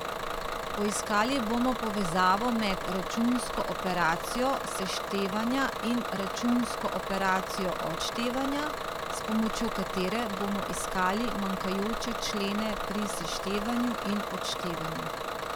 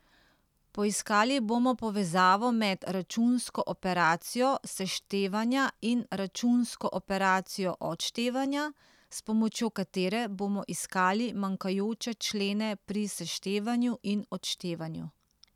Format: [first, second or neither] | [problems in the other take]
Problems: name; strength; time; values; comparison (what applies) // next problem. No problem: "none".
second | background sound (Bus / Engine); 3 dB below the speech